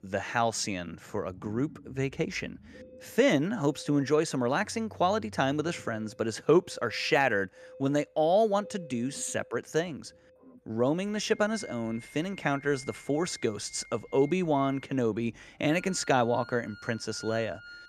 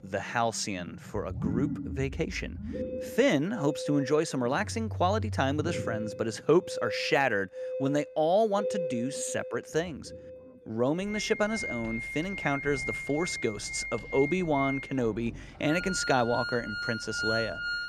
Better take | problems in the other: first | background music; loud; throughout; 6 dB below the speech; faint in the first

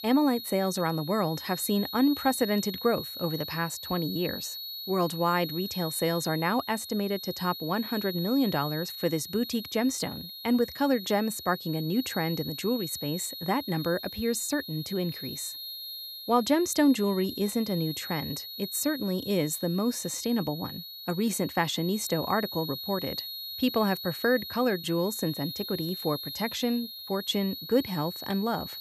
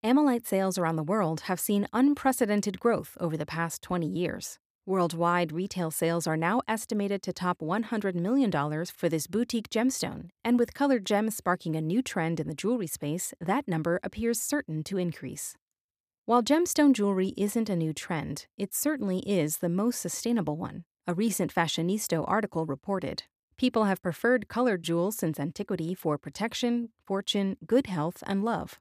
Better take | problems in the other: second | high-pitched whine; loud; throughout; 4.5 kHz, 8 dB below the speech

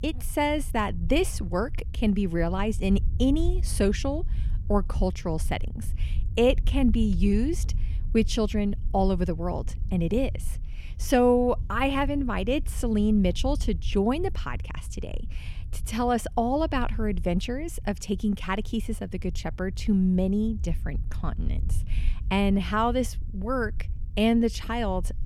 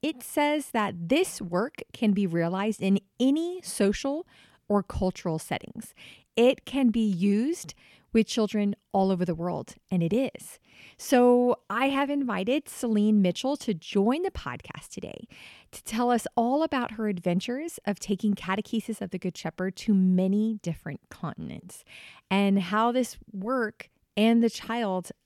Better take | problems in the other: second | low rumble; faint; throughout; 25 dB below the speech

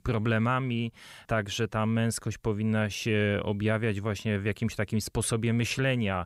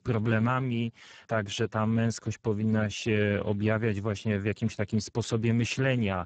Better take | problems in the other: first | garbled, watery; badly; nothing above 7.5 kHz

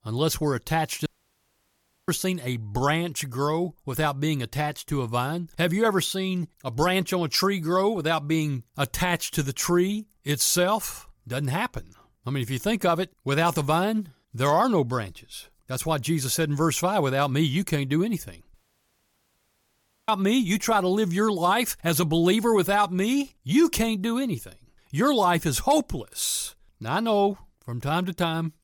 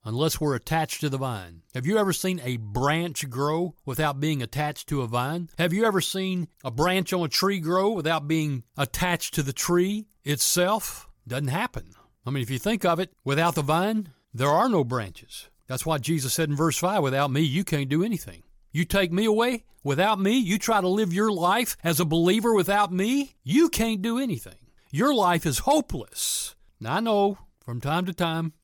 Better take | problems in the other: second | audio cutting out; at 1 s for 1 s and at 19 s for 1.5 s

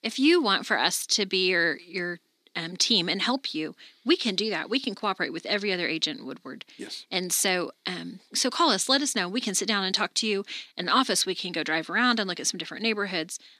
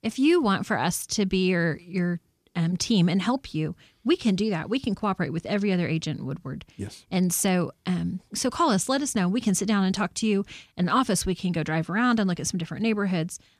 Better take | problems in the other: second | thin; somewhat; fading below 250 Hz

